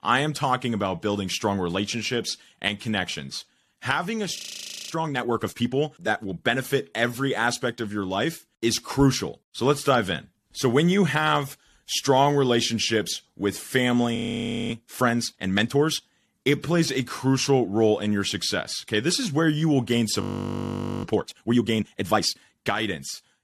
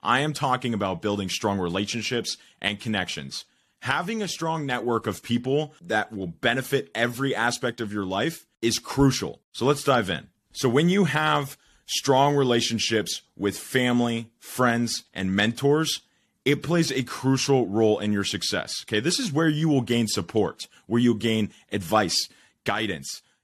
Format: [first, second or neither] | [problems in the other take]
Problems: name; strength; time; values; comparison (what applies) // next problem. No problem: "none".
second | audio freezing; at 4.5 s for 0.5 s, at 14 s for 0.5 s and at 20 s for 1 s